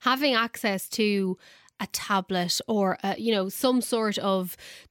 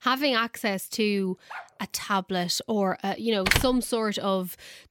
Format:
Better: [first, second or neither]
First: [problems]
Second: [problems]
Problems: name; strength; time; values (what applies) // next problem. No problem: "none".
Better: first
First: none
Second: dog barking; faint; at 1.5 s; peak 15 dB below the speech // door banging; loud; at 3.5 s; peak 3 dB above the speech